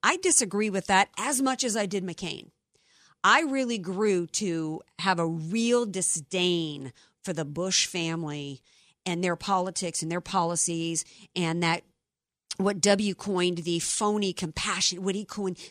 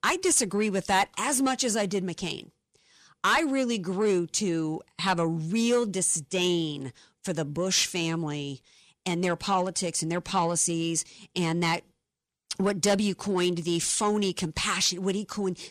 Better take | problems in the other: first | distortion; slight; 10 dB below the speech

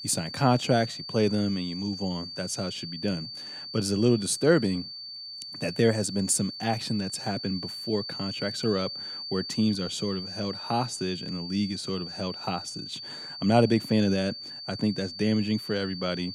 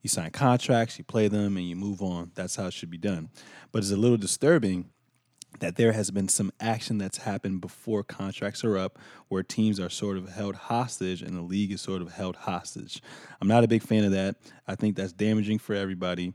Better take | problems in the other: second | high-pitched whine; loud; throughout; 4.5 kHz, 8 dB below the speech

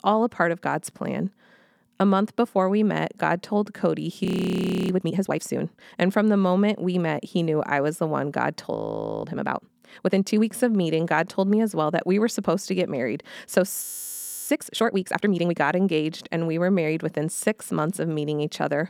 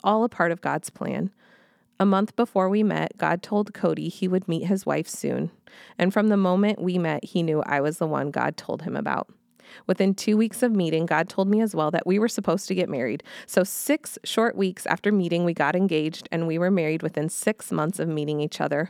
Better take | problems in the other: second | audio freezing; at 4.5 s for 0.5 s, at 9 s and at 14 s for 0.5 s

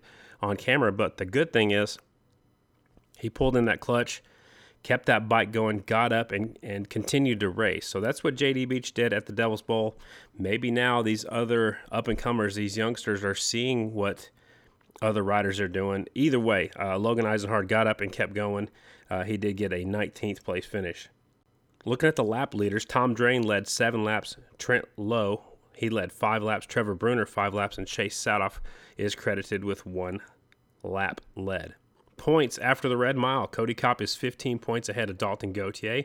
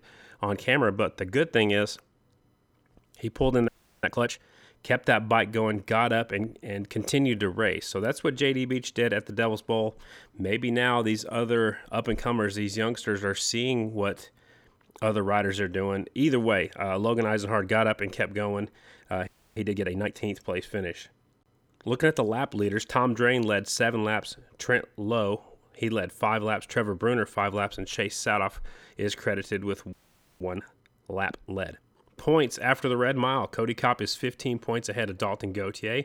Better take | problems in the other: first | audio freezing; at 3.5 s, at 19 s and at 30 s

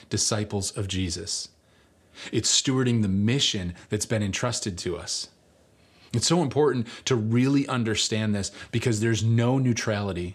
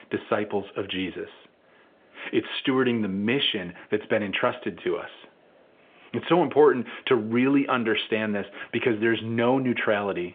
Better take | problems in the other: first | phone-call audio; nothing above 3.5 kHz

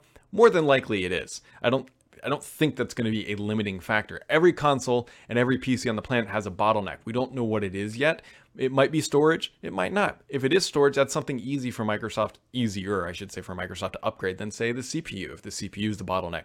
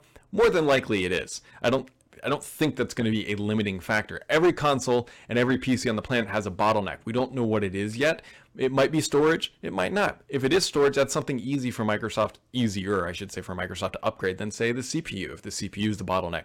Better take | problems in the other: first | distortion; slight; 4% of the sound clipped

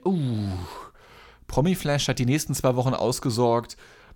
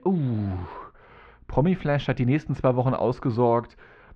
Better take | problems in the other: first | muffled; very; fading above 2.5 kHz

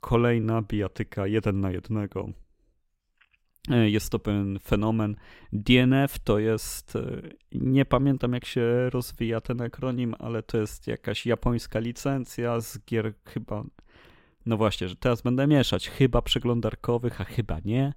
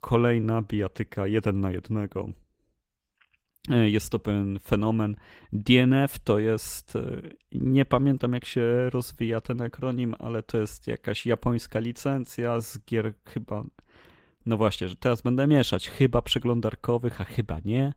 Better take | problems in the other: first | garbled, watery; slightly; nothing above 16 kHz

